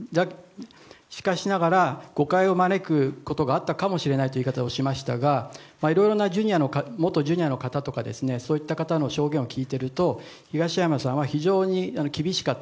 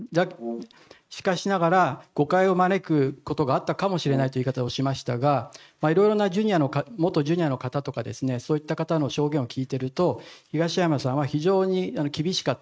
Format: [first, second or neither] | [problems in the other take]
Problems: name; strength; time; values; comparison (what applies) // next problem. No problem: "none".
first | noise reduction (neural mask model RNNoise)